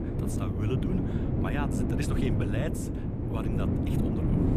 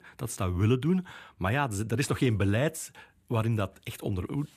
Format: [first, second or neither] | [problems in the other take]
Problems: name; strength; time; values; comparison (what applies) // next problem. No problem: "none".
second | wind noise on the microphone; heavy; 2 dB above the speech